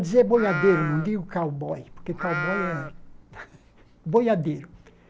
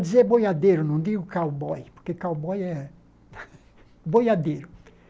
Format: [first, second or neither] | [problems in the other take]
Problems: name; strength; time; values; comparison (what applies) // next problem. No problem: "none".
second | background sound (Livestock, farm animals, working animals); 7 dB below the speech